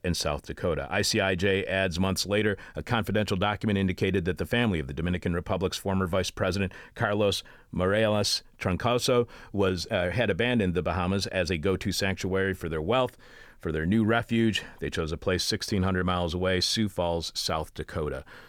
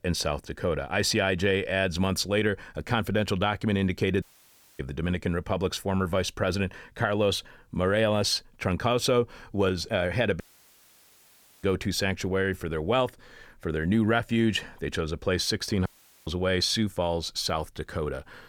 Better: first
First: none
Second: audio cutting out; at 4 s for 0.5 s, at 10 s for 1 s and at 16 s

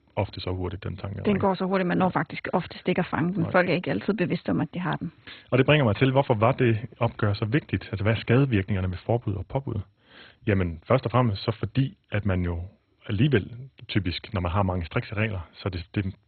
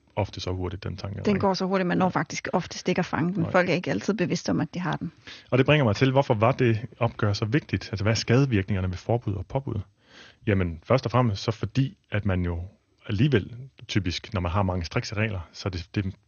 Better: second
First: garbled, watery; badly; nothing above 4 kHz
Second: garbled, watery; slightly; nothing above 6.5 kHz

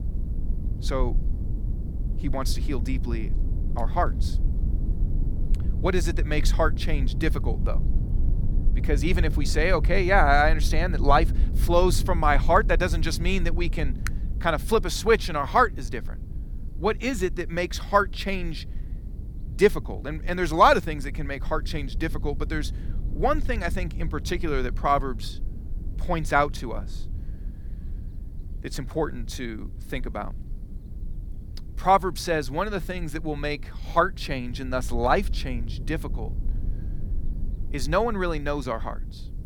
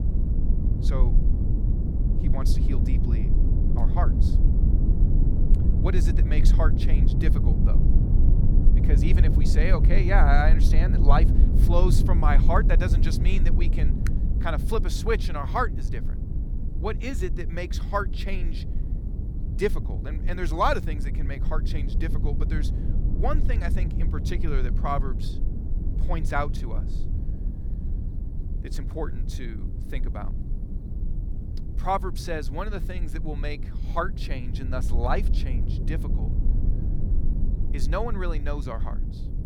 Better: first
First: low rumble; faint; throughout; 20 dB below the speech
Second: low rumble; loud; throughout; 9 dB below the speech

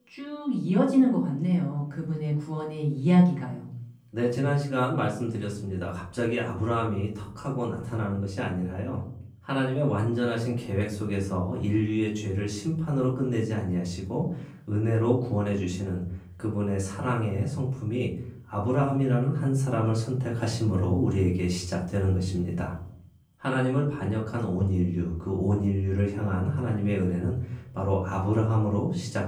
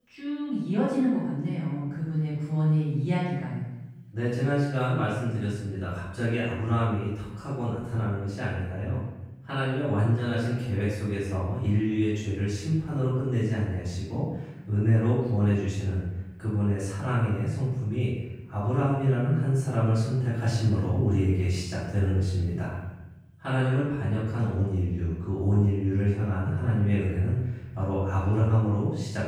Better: first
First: room echo; slight; dies away in 0.6 s // off-mic speech; far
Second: room echo; strong; dies away in 1 s // off-mic speech; far

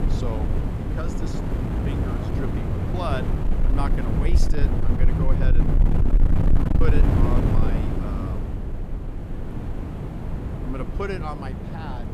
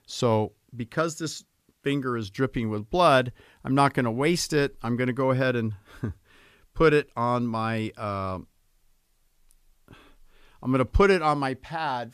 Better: second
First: wind noise on the microphone; heavy; as loud as the speech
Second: none

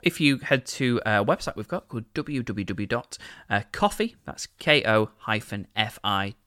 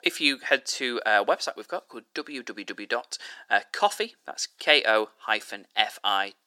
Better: first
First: none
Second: thin; somewhat; fading below 300 Hz

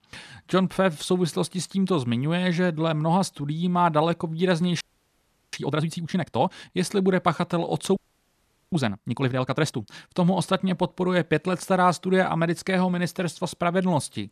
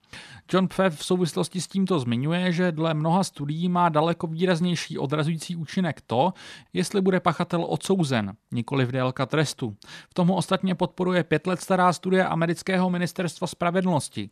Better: second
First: audio freezing; at 5 s for 0.5 s and at 8 s for 1 s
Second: none

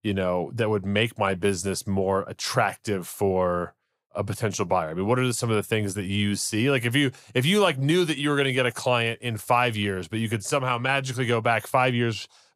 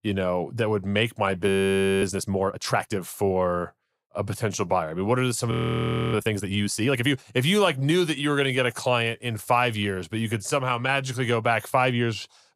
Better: first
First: none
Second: audio freezing; at 1.5 s for 0.5 s and at 5.5 s for 0.5 s

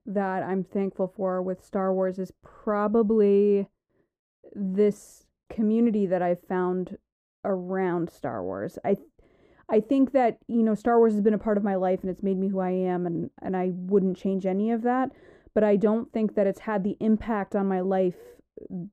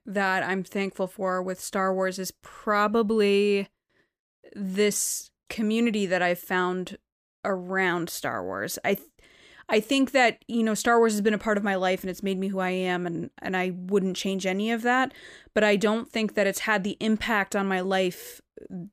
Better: second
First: muffled; very; fading above 1.5 kHz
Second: none

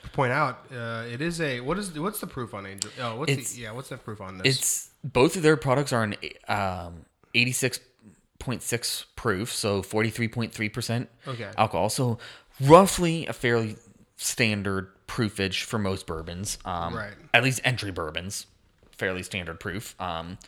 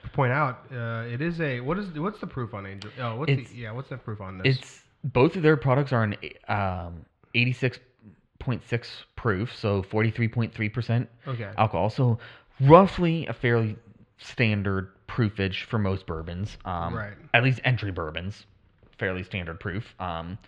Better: first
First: none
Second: muffled; slightly; fading above 3 kHz

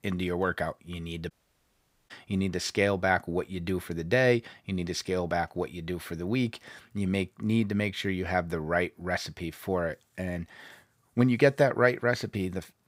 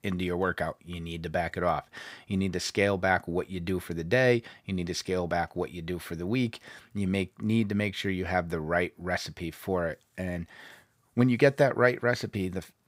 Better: second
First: audio cutting out; at 1.5 s for 1 s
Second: none

